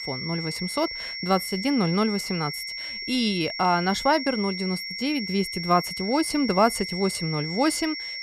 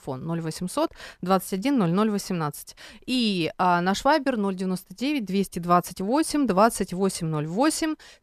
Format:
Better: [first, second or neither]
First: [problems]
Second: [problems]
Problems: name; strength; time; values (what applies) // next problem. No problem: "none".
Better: second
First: high-pitched whine; loud; throughout; 5.5 kHz, 6 dB below the speech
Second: none